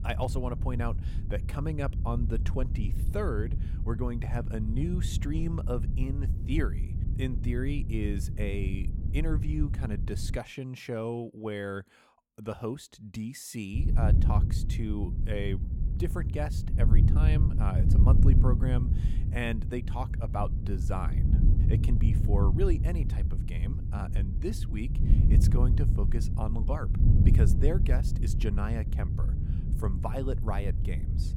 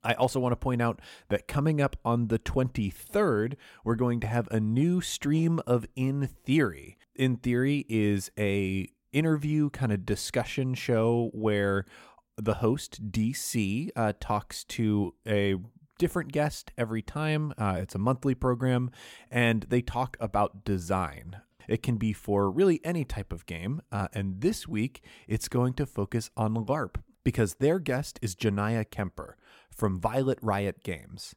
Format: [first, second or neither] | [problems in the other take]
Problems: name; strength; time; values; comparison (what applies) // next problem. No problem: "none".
second | wind noise on the microphone; heavy; until 10 s and from 14 s on; 5 dB below the speech